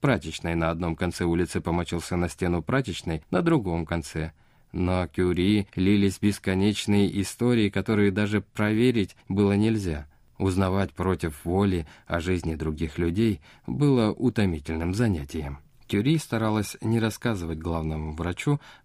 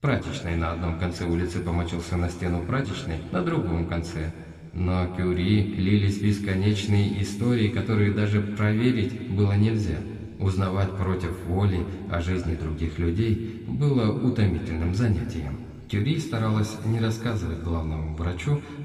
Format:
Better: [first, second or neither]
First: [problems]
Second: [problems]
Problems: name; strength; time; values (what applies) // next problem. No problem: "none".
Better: first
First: none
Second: room echo; slight; dies away in 2.1 s